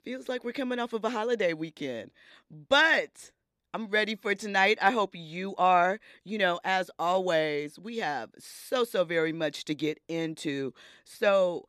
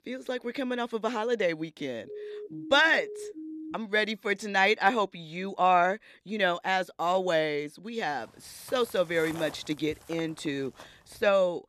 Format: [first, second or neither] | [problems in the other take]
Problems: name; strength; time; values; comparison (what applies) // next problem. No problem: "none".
first | siren; faint; from 2 to 4 s; peak 10 dB below the speech // footsteps; faint; from 8 s on; peak 15 dB below the speech